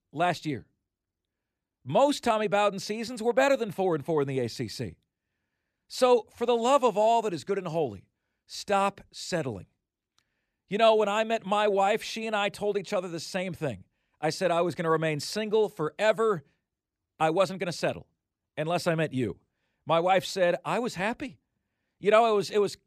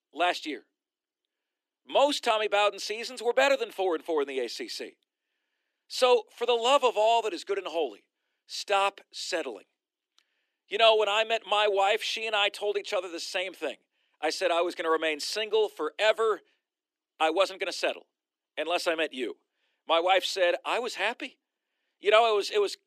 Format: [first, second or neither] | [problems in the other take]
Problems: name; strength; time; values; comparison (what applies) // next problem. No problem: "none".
first | thin; somewhat; fading below 300 Hz